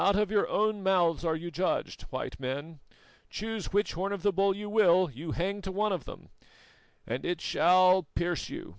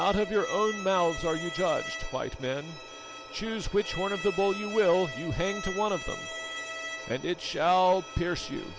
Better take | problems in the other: first | background sound (Bowed string instrument); 10 dB below the speech

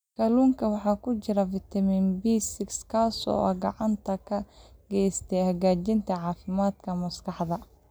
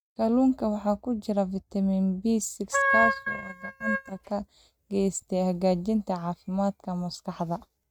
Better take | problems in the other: first | noise reduction (neural mask model RNNoise)

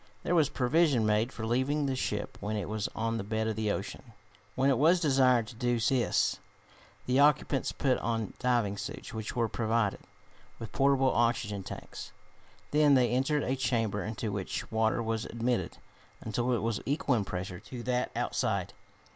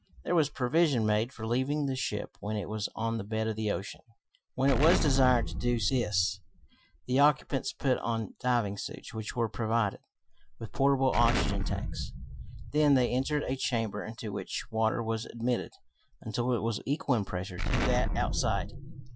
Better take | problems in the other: first | noise reduction (classical method Wiener filter)

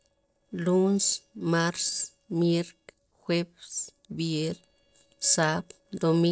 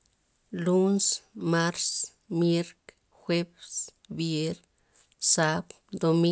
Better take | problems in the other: second | noise reduction (neural separator model SepFormer DNS4)

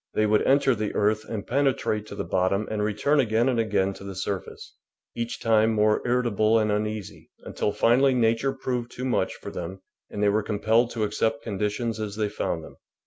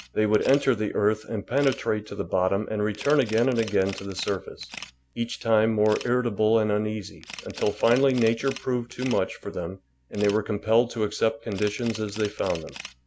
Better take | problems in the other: first | background sound (Camera); 18 dB below the speech

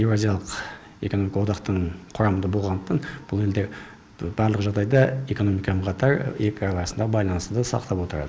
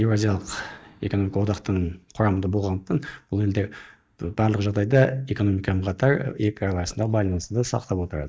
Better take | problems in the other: first | noise reduction (neural mask model DeepFilterNet 3)

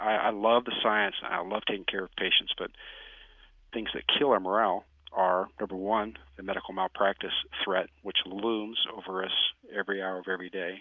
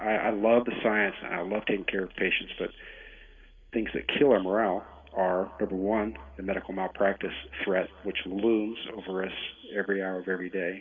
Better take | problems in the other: first | room echo; dies away in 2.8 s

